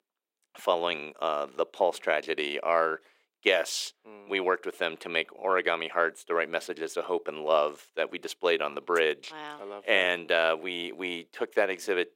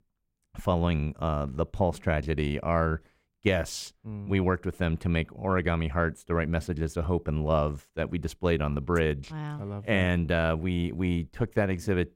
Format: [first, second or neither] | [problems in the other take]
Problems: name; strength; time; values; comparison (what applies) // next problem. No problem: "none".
second | thin; very; fading below 350 Hz